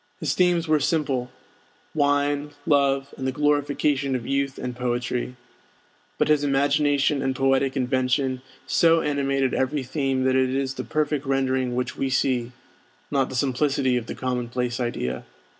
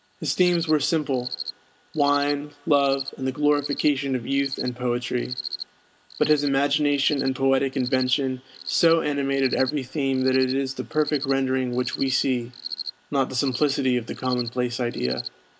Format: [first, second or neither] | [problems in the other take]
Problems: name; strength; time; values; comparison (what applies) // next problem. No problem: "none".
first | background sound (Cricket); 13 dB below the speech